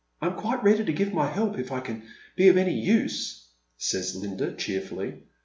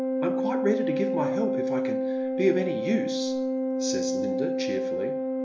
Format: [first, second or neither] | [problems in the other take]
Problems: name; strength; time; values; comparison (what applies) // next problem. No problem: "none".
first | background sound (Organ); 3 dB above the speech